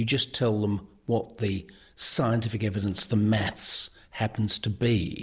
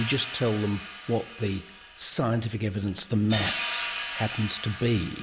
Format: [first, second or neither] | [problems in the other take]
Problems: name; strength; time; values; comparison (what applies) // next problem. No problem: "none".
first | background sound (Hi-hat); 9 dB below the speech